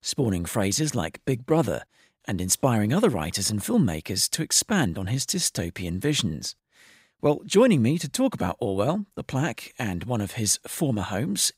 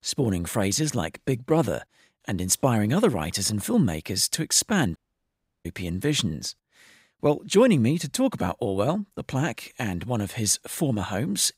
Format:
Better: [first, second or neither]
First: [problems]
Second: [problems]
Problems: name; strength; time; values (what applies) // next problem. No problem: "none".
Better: first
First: none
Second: audio cutting out; at 5 s for 0.5 s